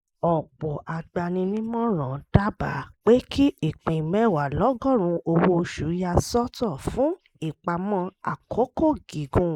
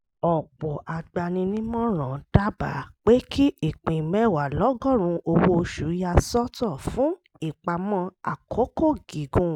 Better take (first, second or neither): second